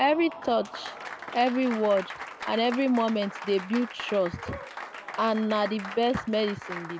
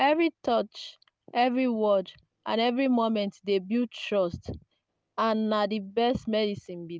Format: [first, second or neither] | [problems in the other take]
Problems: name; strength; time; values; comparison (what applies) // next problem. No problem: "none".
second | background sound (Applause); 12 dB below the speech